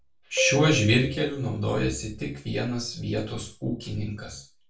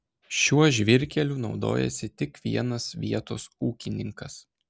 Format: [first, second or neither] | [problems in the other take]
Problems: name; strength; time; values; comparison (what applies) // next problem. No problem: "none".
second | background sound (Marimba, xylophone); 8 dB below the speech // room echo; dies away in 0.3 s